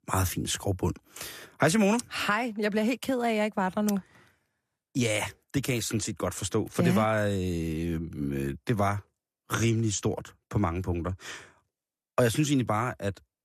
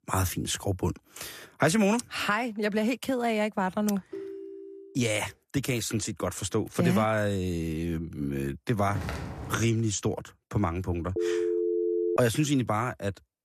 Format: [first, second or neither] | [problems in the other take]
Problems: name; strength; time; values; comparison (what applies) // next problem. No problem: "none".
first | phone ringing; faint; at 4 s; peak 10 dB below the speech // footsteps; noticeable; at 9 s; peak 6 dB below the speech // phone ringing; loud; from 11 to 12 s; peak 1 dB above the speech